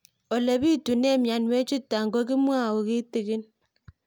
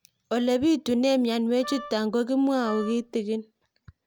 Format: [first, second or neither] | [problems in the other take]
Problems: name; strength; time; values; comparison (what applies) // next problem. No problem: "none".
first | background sound (Wind instrument, woodwind instrument); 15 dB below the speech